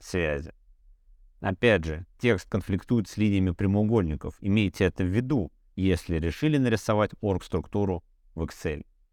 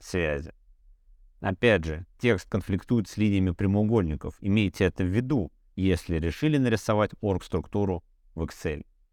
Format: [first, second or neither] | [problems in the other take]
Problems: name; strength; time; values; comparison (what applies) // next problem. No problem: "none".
neither | none